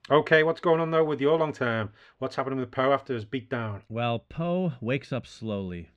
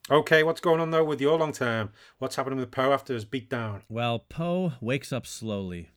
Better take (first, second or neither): second